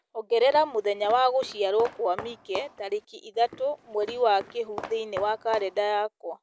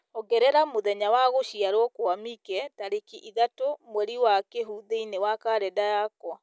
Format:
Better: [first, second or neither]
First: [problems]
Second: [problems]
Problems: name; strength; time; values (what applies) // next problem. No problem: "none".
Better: second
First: background sound (Walk, footsteps); 16 dB below the speech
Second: none